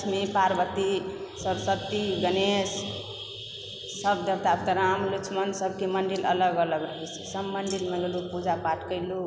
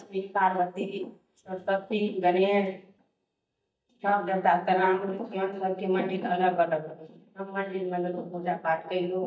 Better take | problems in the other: first | noise reduction (neural mask model DeepFilterNet 3)

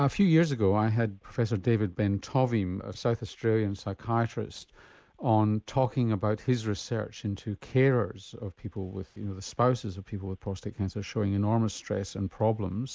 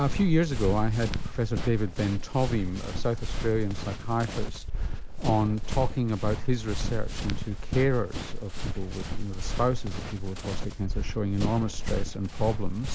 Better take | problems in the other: first | background sound (Run); as loud as the speech

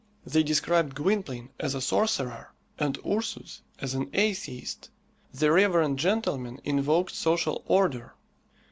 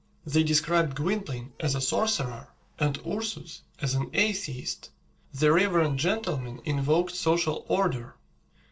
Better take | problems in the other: first | noise reduction (neural separator model SepFormer DNS4)

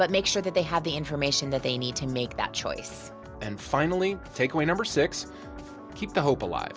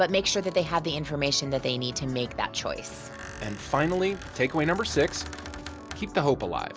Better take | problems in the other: first | background sound (Squeak); 18 dB below the speech

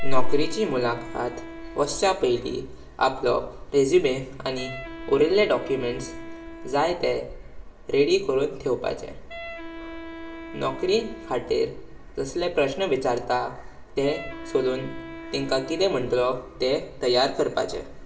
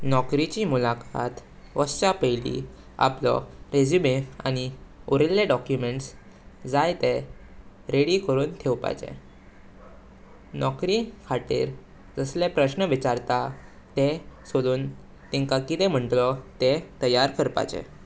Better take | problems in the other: second | background sound (Wind instrument, woodwind instrument); 17 dB below the speech // room echo; dies away in 0.5 s

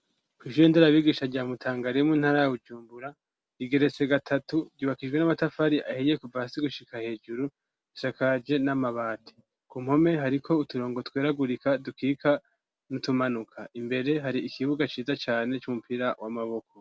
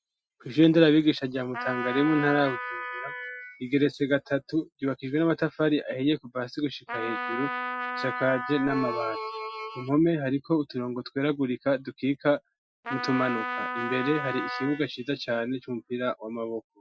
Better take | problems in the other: first | noise reduction (classical method Wiener filter)

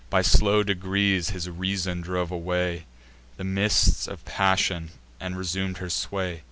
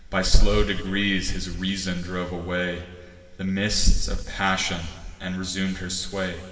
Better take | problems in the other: first | room echo; dies away in 2.5 s

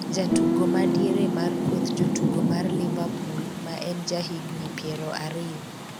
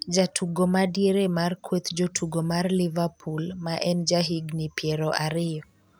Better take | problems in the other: second | background sound (Rain + Guitar); 4 dB above the speech

